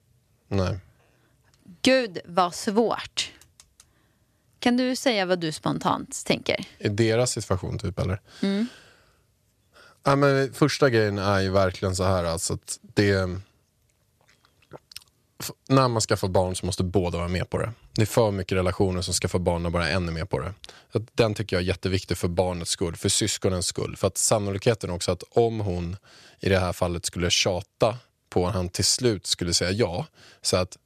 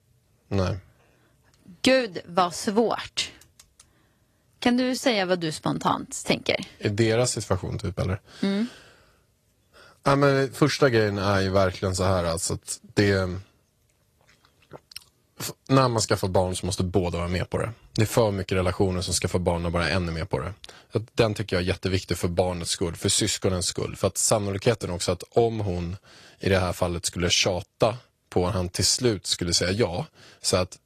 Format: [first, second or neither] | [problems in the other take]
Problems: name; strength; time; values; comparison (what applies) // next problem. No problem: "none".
first | garbled, watery; slightly; nothing above 14 kHz